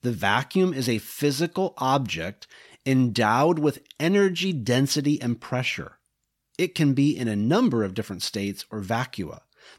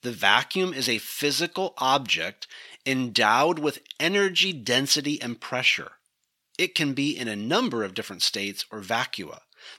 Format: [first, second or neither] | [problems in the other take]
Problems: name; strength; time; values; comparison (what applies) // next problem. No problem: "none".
first | thin; somewhat; fading below 550 Hz